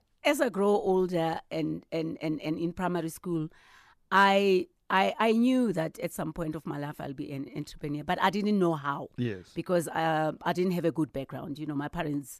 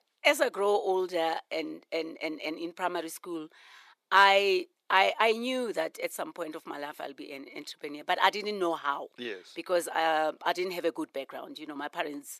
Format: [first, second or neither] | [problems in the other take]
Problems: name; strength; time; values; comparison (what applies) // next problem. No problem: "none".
first | thin; somewhat; fading below 400 Hz